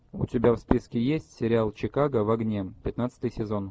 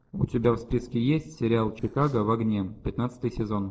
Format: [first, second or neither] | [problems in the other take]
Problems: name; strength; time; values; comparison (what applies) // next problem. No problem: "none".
first | noise reduction (neural separator model SepFormer DNS4)